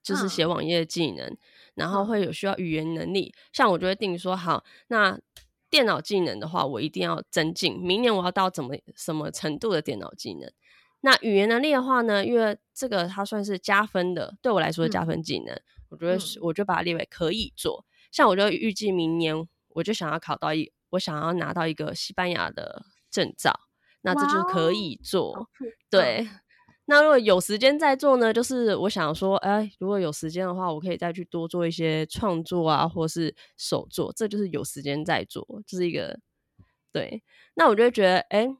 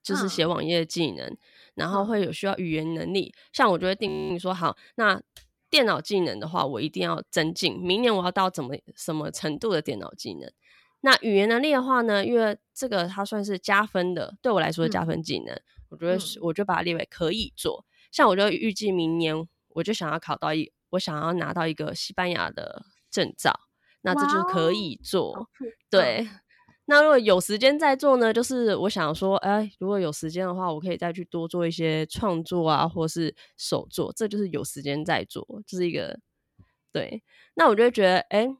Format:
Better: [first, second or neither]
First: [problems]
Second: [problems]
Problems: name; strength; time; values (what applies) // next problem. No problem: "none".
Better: first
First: none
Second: audio freezing; at 4 s